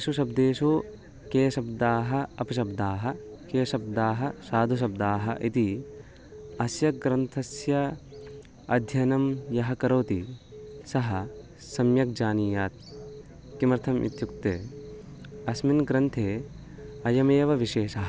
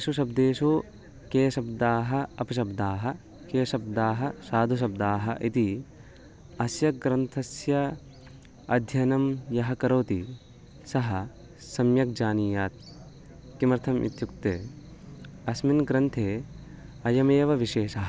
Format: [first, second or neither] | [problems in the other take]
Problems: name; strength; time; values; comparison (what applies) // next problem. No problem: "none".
second | background sound (Telephone); 20 dB below the speech